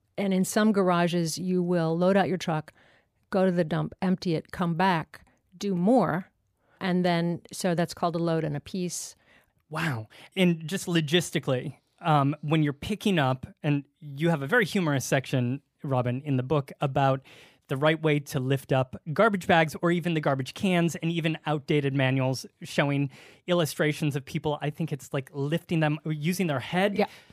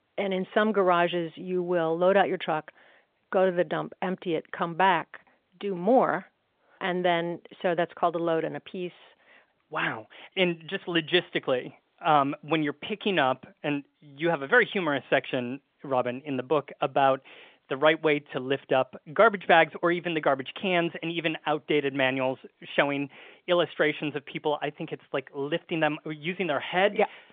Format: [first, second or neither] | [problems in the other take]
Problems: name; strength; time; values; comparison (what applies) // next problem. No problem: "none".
first | phone-call audio; nothing above 3.5 kHz